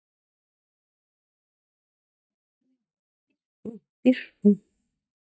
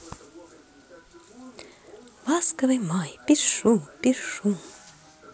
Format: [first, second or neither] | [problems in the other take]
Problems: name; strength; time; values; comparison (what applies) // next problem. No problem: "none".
second | noise reduction (neural mask model DeepFilterNet 3)